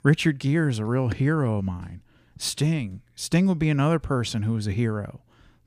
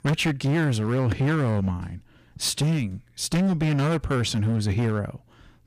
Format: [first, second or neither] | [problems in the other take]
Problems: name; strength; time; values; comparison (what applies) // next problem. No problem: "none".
first | distortion; heavy; 18% of the sound clipped